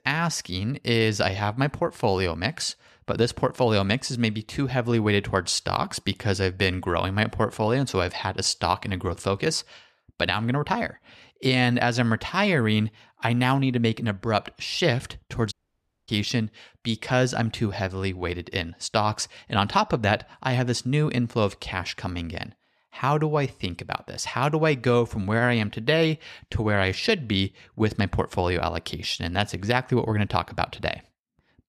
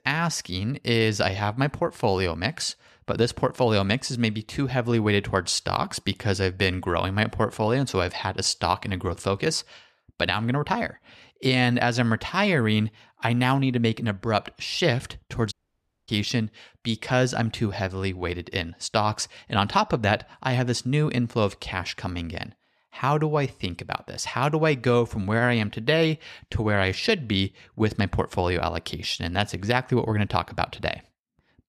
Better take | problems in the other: neither | audio cutting out; at 16 s for 0.5 s; the same in both

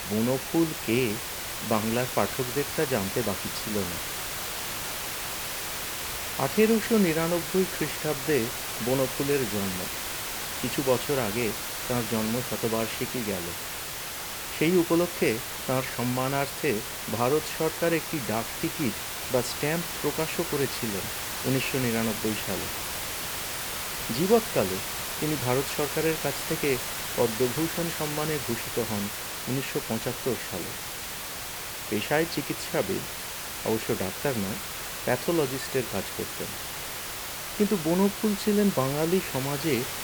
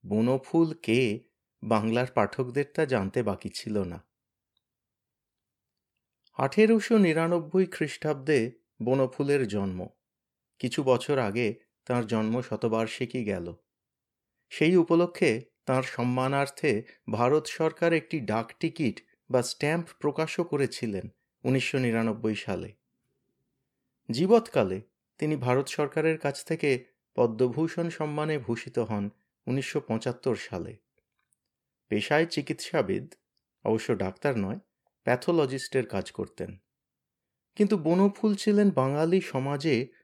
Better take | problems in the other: second | hiss; loud; throughout; 3 dB below the speech

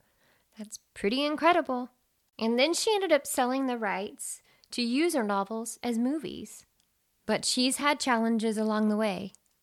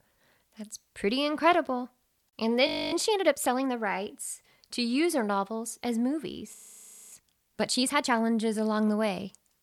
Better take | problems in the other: first | audio freezing; at 2.5 s and at 6.5 s for 0.5 s

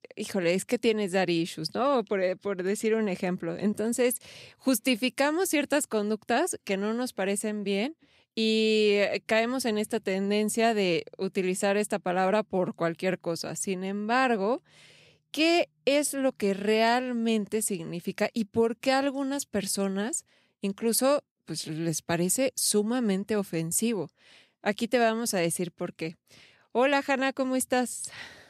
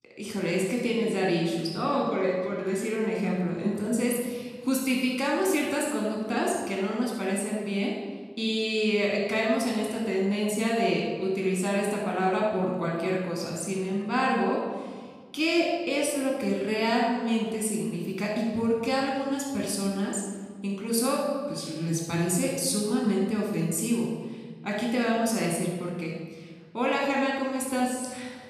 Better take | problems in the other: first | off-mic speech; somewhat distant // room echo; noticeable; dies away in 1.4 s

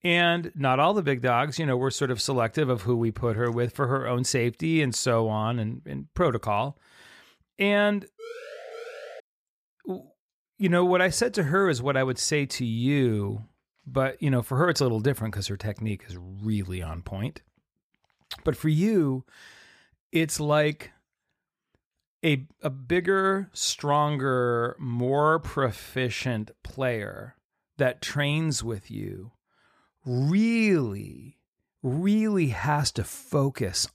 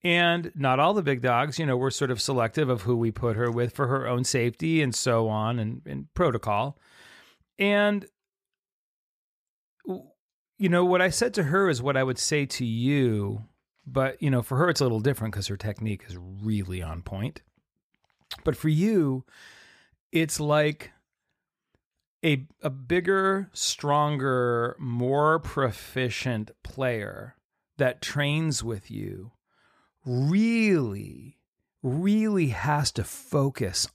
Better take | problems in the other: second | siren; faint; from 8 to 9 s; peak 15 dB below the speech

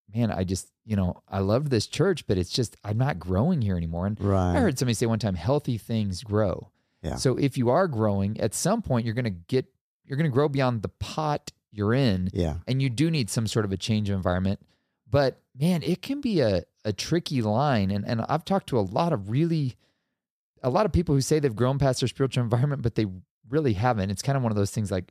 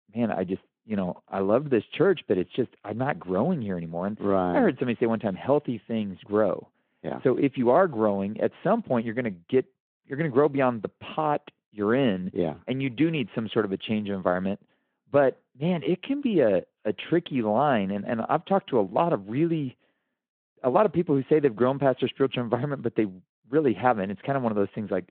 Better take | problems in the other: first | phone-call audio

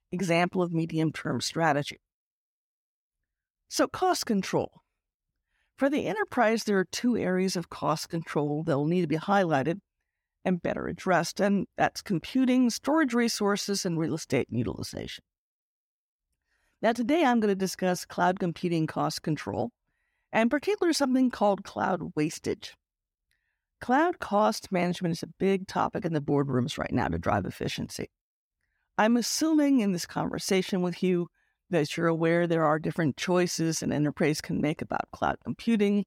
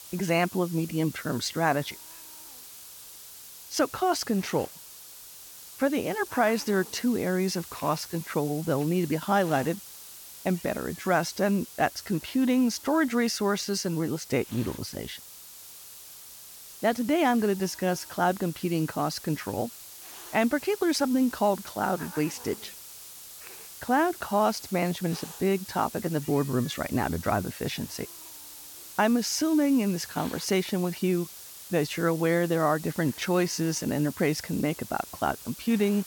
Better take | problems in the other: first | hiss; noticeable; throughout; 15 dB below the speech

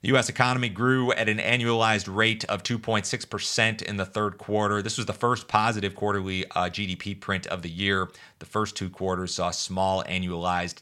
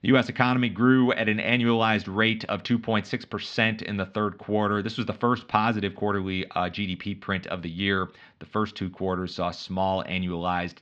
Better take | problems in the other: first | muffled; slightly; fading above 4 kHz

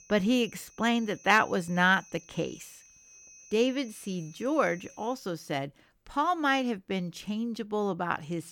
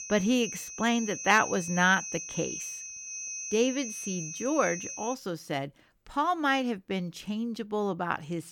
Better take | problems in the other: first | high-pitched whine; loud; until 5 s; 6 kHz, 7 dB below the speech; faint in the first

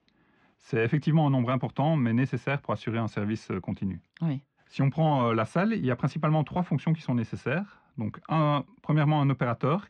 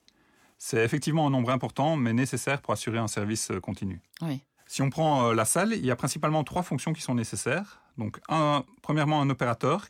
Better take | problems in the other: second | muffled; slightly; fading above 3.5 kHz

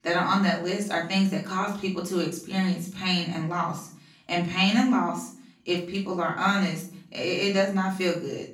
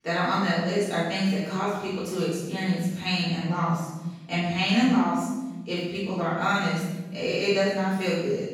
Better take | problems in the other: first | room echo; strong; dies away in 1.3 s; slight in the first // off-mic speech; far; far in the first

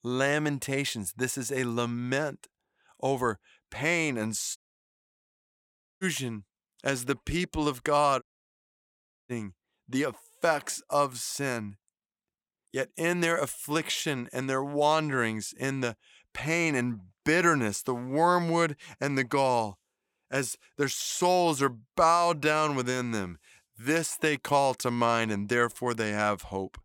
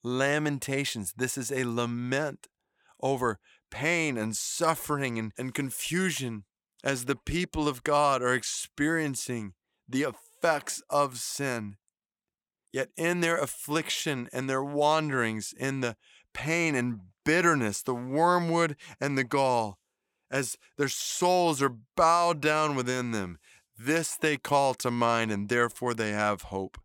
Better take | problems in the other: second | audio cutting out; at 4.5 s for 1.5 s and at 8 s for 1 s

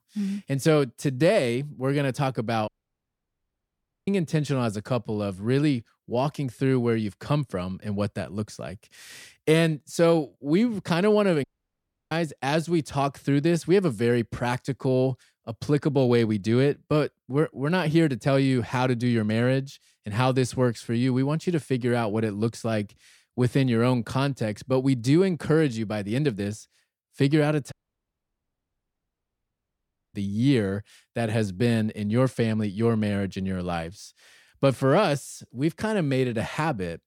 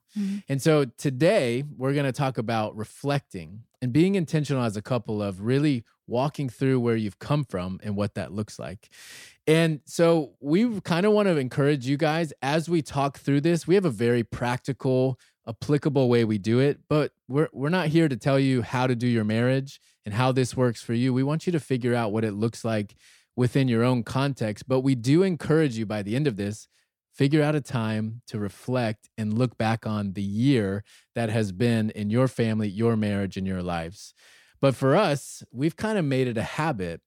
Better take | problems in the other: second | audio cutting out; at 2.5 s for 1.5 s, at 11 s for 0.5 s and at 28 s for 2.5 s

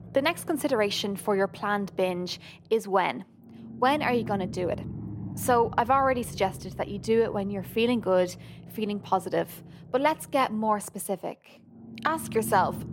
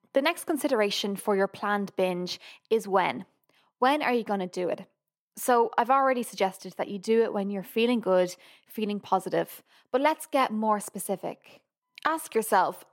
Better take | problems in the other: second | low rumble; faint; throughout; 20 dB below the speech

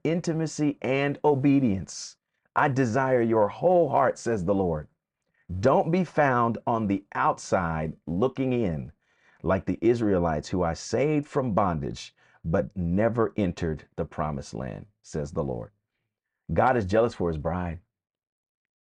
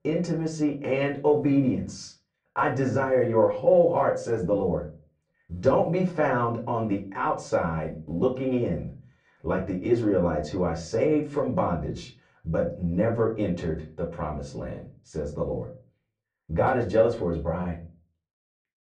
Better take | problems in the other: first | off-mic speech; far // room echo; very slight; dies away in 0.3 s

